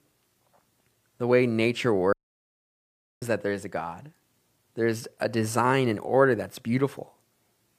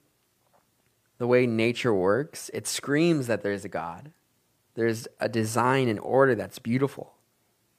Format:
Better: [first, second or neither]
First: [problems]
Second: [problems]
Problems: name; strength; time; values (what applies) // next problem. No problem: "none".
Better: second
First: audio cutting out; at 2 s for 1 s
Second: none